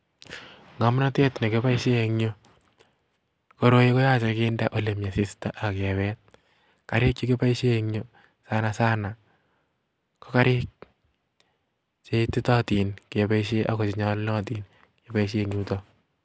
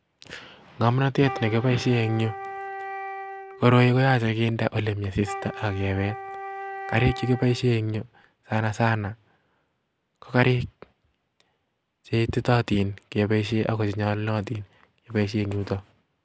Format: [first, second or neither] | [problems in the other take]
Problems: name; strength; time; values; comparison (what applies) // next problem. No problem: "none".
first | background sound (Wind instrument, woodwind instrument); 12 dB below the speech